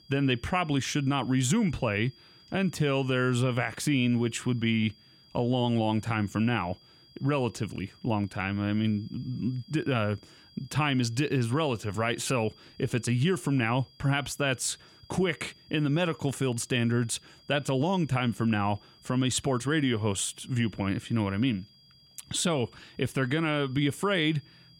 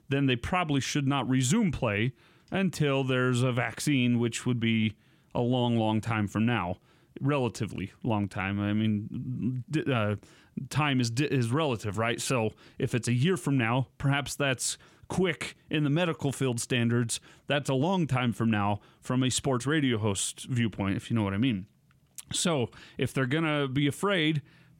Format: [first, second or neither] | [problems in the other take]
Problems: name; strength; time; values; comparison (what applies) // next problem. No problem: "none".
second | high-pitched whine; faint; throughout; 5 kHz, 25 dB below the speech